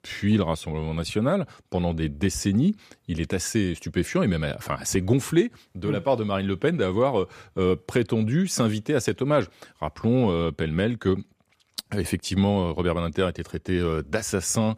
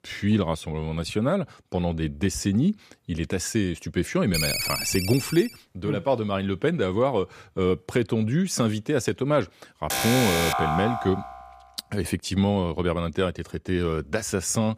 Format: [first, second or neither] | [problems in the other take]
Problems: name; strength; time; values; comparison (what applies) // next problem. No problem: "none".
first | phone ringing; loud; from 4.5 to 5.5 s; peak 1 dB above the speech // alarm; loud; from 10 to 11 s; peak 2 dB above the speech